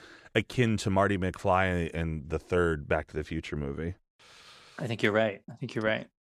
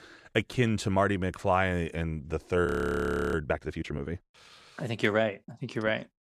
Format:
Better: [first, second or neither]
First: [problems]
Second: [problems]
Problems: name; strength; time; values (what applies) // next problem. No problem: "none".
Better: first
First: none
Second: audio freezing; at 2.5 s for 0.5 s